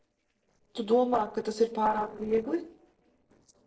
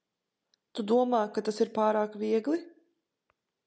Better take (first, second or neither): second